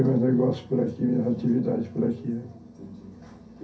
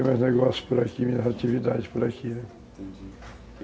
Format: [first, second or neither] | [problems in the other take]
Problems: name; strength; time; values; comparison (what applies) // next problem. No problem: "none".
second | room echo; dies away in 0.3 s